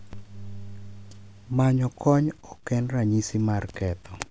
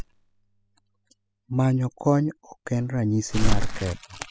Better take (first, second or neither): first